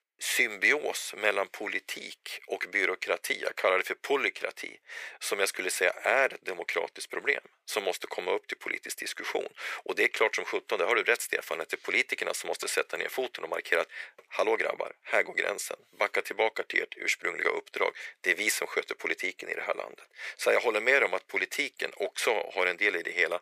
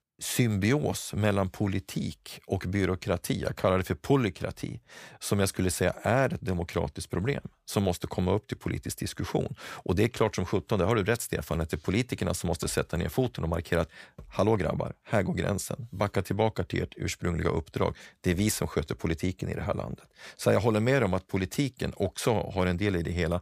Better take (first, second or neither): second